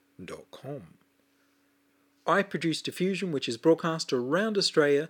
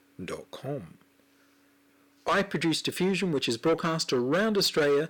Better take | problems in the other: first | distortion; heavy; 8 dB below the speech

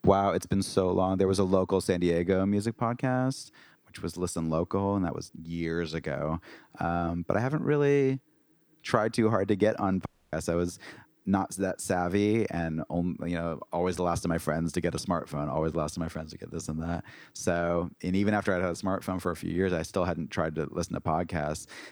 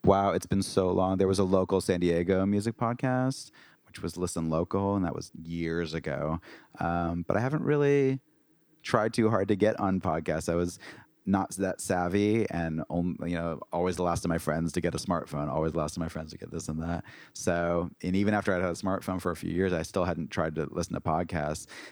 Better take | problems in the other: second | audio cutting out; at 10 s

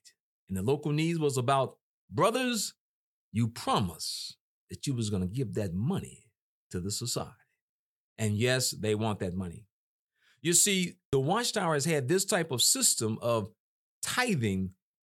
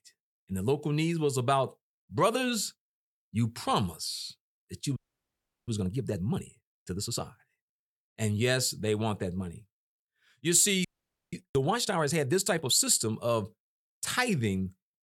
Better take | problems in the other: first | audio freezing; at 5 s for 0.5 s and at 11 s

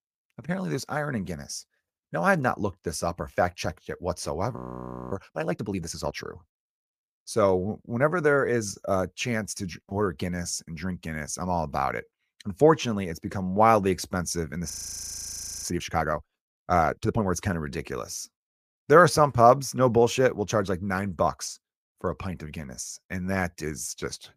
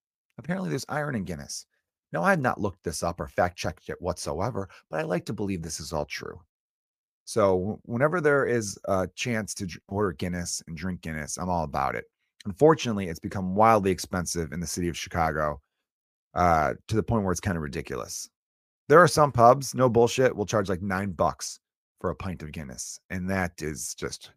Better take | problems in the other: second | audio freezing; at 4.5 s for 0.5 s and at 15 s for 1 s

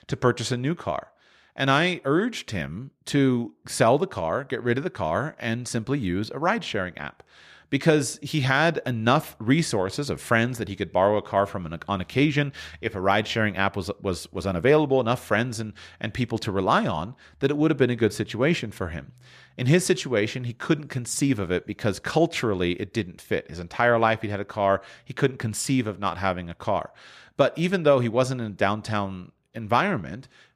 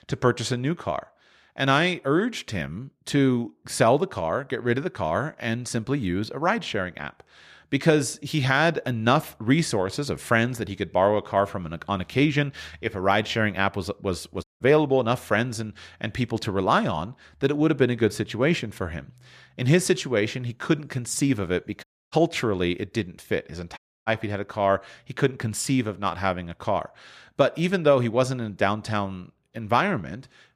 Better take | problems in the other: first | audio cutting out; at 14 s, at 22 s and at 24 s

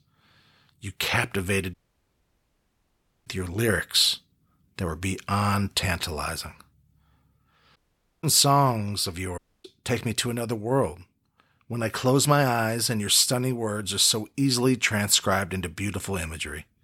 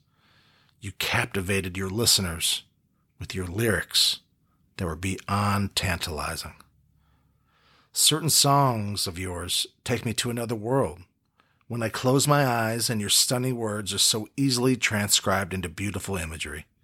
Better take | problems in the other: second | audio cutting out; at 1.5 s for 1.5 s, at 8 s and at 9.5 s

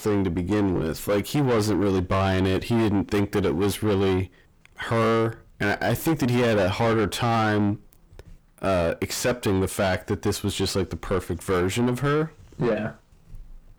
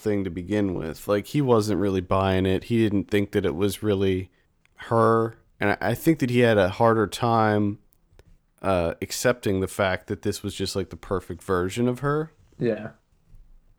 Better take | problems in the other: second | distortion; heavy; 6 dB below the speech

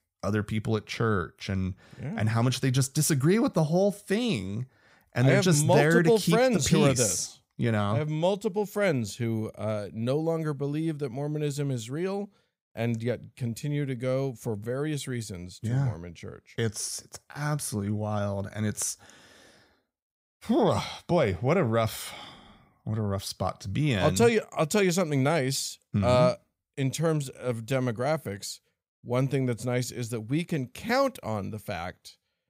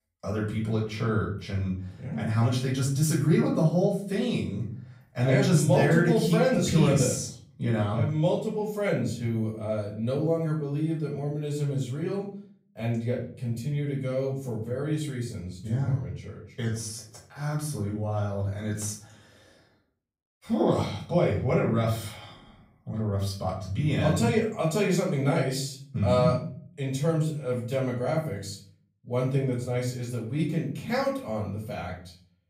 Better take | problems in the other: first | room echo; slight; dies away in 0.5 s // off-mic speech; far

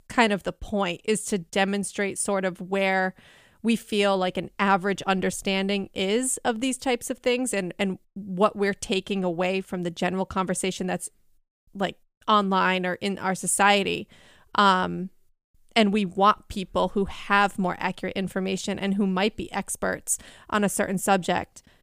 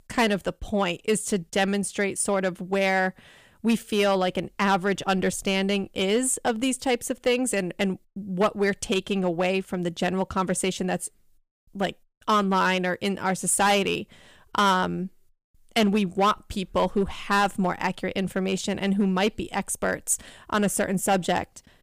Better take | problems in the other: first | distortion; slight; 3% of the sound clipped

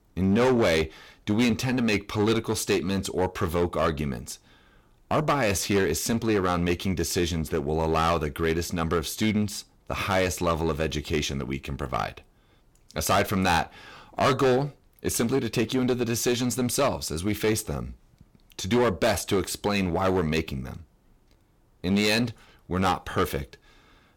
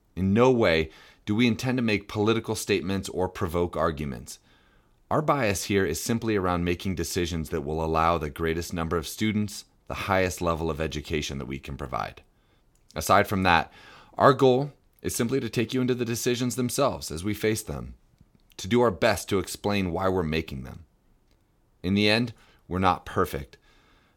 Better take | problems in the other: second | distortion; heavy; 9% of the sound clipped

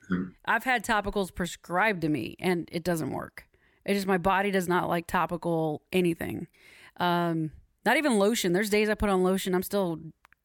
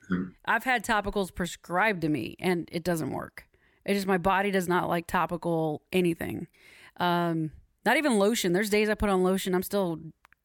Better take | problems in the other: neither | none

